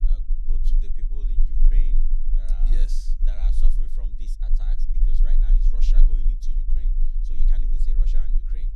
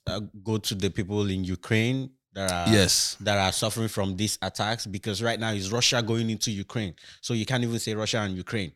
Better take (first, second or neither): second